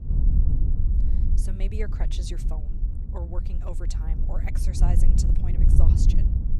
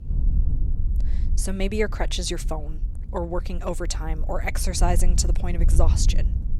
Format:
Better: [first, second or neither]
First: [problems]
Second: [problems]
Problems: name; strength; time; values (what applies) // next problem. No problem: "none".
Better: second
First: wind noise on the microphone; heavy; 1 dB below the speech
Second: wind noise on the microphone; occasional gusts; 15 dB below the speech